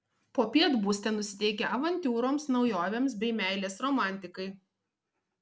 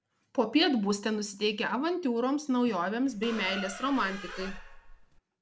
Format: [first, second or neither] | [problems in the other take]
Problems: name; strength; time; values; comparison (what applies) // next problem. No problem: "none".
first | background sound (Squeak); 12 dB below the speech